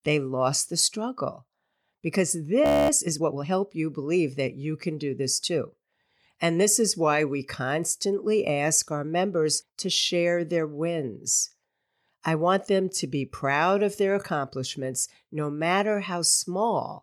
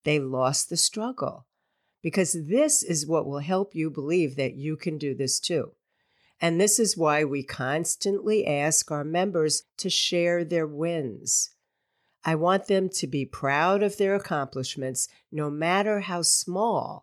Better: second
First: audio freezing; at 2.5 s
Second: none

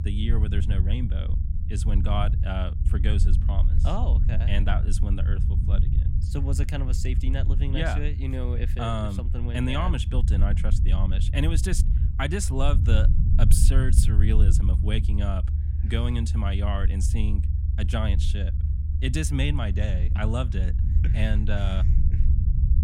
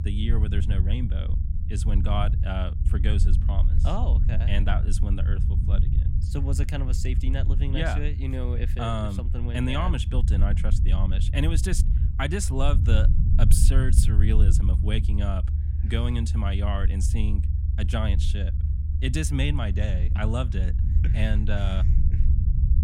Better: neither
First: low rumble; loud; throughout; 8 dB below the speech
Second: low rumble; loud; throughout; 8 dB below the speech

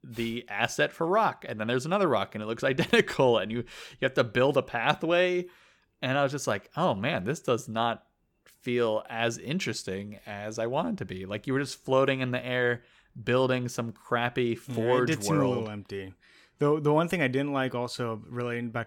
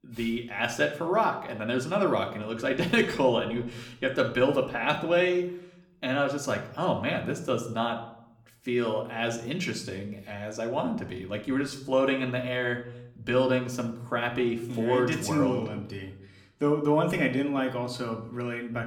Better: first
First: none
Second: room echo; slight; dies away in 0.5 s // off-mic speech; somewhat distant

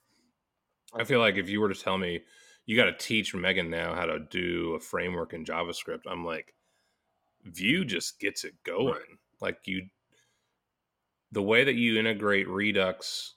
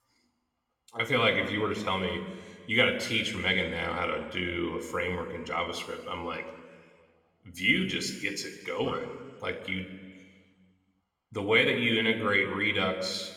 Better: first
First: none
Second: room echo; slight; dies away in 1.6 s

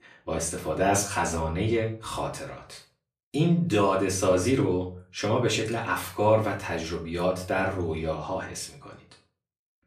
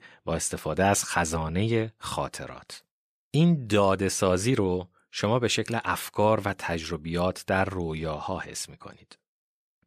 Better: second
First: off-mic speech; far // room echo; slight; dies away in 0.3 s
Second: none

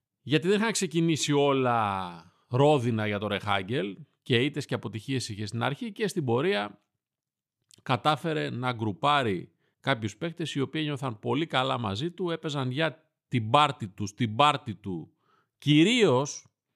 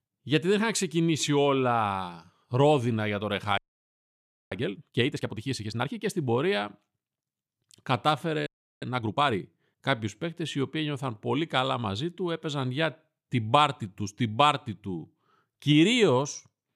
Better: first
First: none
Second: audio freezing; at 3.5 s for 1 s and at 8.5 s

